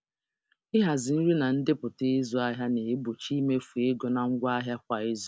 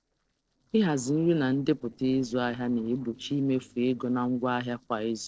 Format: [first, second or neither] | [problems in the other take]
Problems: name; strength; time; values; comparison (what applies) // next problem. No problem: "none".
first | noise reduction (neural separator model SepFormer DNS4)